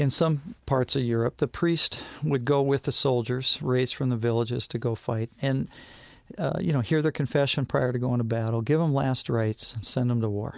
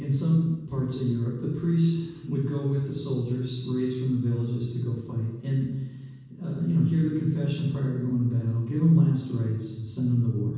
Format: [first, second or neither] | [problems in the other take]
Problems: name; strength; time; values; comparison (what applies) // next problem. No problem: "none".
first | room echo; dies away in 1.2 s